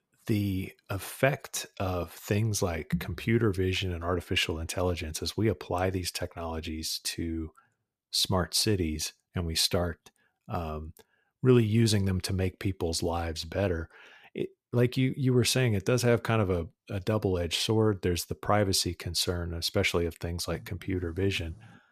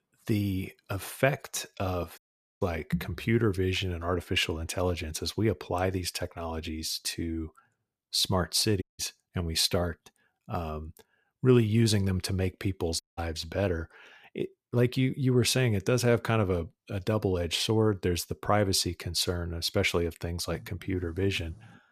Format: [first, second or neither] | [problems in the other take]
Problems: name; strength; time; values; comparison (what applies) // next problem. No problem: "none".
first | audio cutting out; at 2 s, at 9 s and at 13 s